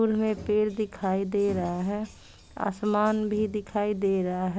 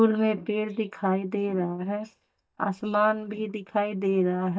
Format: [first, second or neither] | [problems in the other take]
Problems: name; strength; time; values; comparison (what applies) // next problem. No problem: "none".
first | noise reduction (neural mask model DeepFilterNet 3)